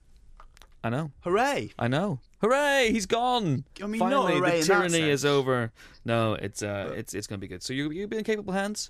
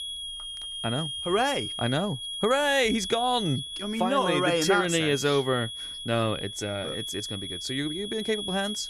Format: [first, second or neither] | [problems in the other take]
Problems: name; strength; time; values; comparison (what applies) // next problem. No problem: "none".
first | high-pitched whine; loud; throughout; 3.5 kHz, 6 dB below the speech